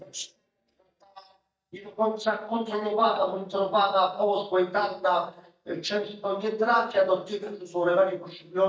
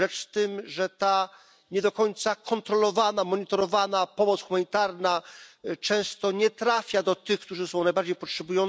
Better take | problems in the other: second | noise reduction (neural mask model DeepFilterNet 3)

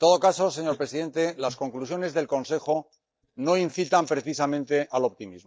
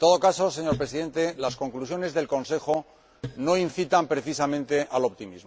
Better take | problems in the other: second | noise reduction (neural mask model DeepFilterNet 3)

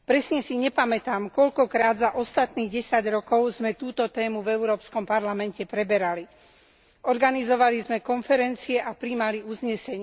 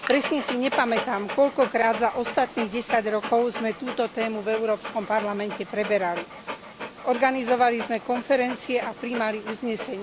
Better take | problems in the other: first | background sound (Dog); 10 dB below the speech

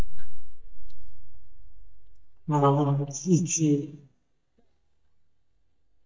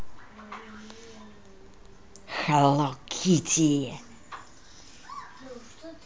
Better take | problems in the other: second | noise reduction (neural mask model DeepFilterNet 3)

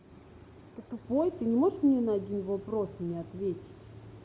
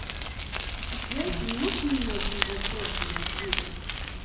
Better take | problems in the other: first | background sound (Bicycle); 3 dB above the speech // room echo; dies away in 1 s

